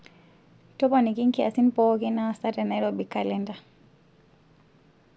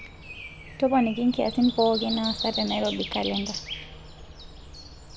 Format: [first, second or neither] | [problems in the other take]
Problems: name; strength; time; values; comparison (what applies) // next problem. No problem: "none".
first | background sound (Breathing); 9 dB below the speech